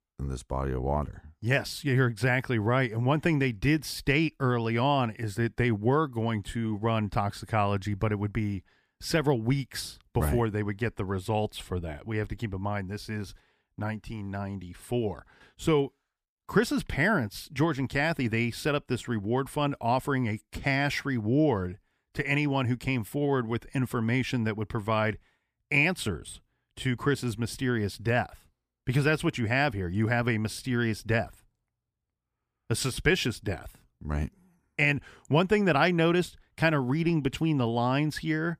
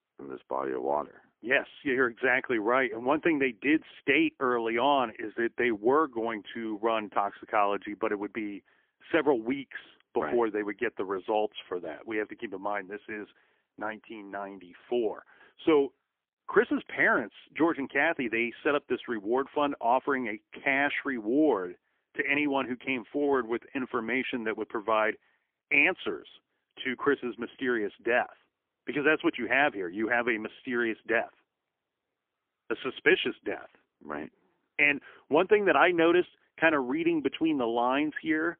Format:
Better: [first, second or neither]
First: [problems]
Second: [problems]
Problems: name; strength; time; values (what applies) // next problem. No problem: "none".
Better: first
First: none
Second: phone-call audio; poor line; nothing above 3 kHz